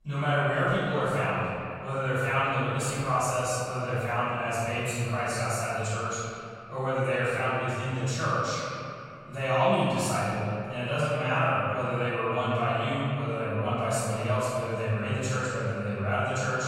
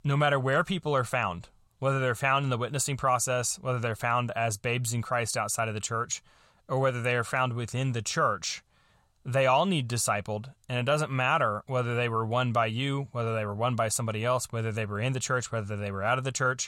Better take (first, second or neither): second